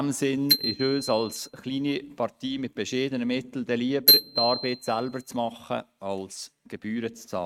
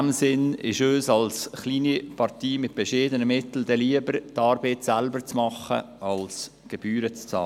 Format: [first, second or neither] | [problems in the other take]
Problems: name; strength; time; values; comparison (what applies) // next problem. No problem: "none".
second | noise reduction (neural mask model RNNoise)